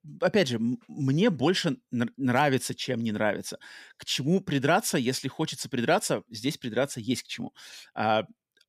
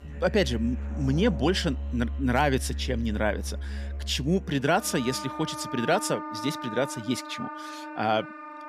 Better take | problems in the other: first | background music; loud; throughout; 8 dB below the speech

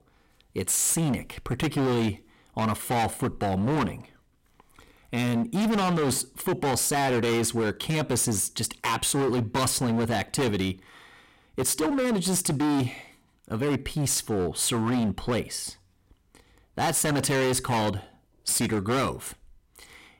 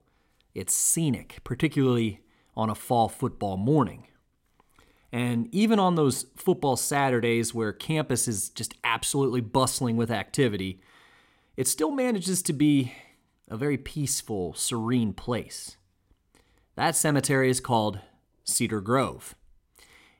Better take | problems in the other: second | distortion; heavy; 21% of the sound clipped

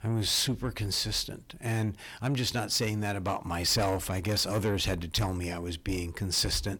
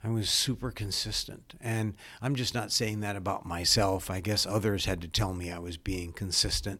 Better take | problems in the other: second | distortion; slight; 10 dB below the speech

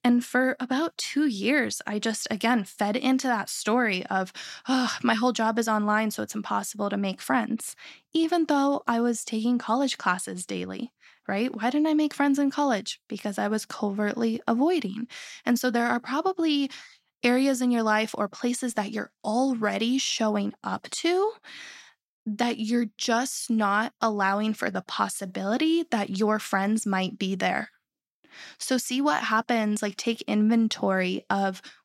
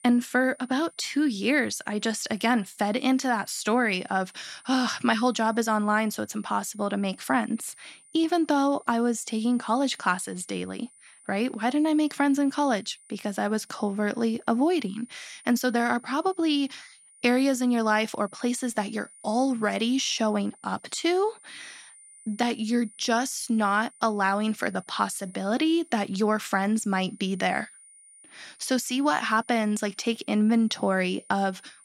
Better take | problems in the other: first | high-pitched whine; faint; throughout; 9.5 kHz, 25 dB below the speech

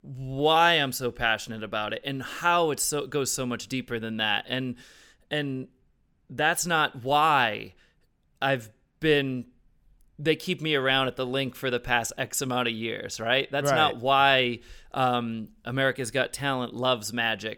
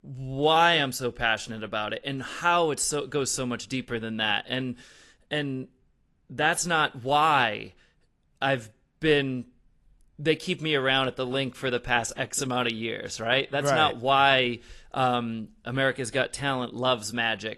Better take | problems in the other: first | garbled, watery; slightly; nothing above 11.5 kHz

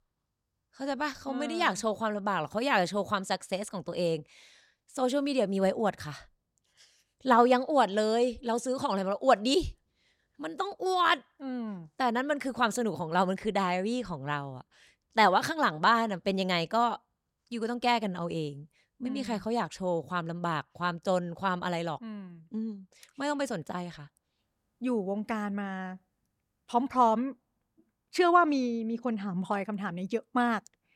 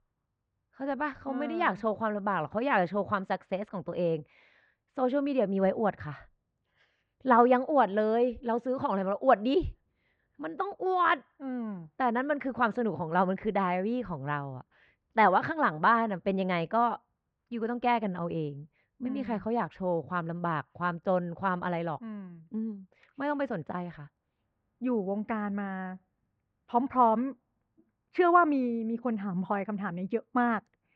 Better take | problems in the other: first | muffled; very; fading above 2 kHz

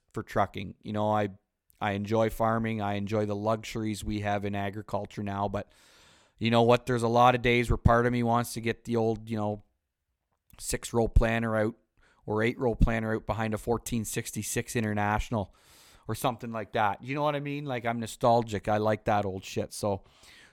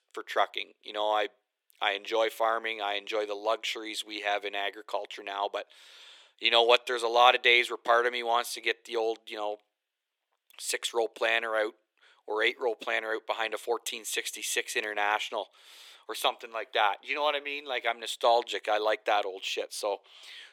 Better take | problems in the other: first | thin; very; fading below 350 Hz

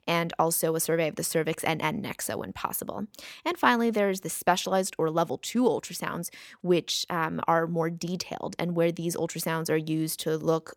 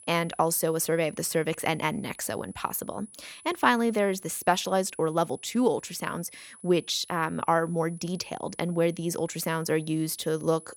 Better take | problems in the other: first | high-pitched whine; faint; throughout; 10 kHz, 20 dB below the speech

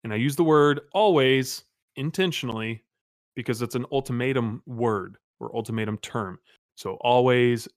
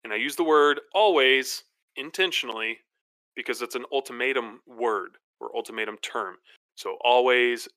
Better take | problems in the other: first | thin; somewhat; fading below 350 Hz

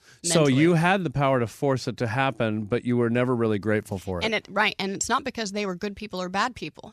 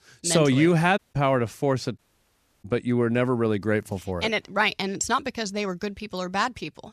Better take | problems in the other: first | audio cutting out; at 1 s and at 2 s for 0.5 s

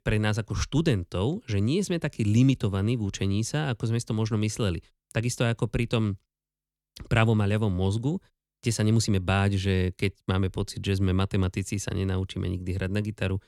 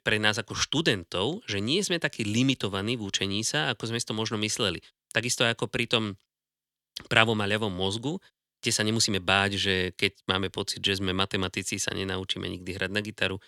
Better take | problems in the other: first | thin; somewhat; fading below 1 kHz

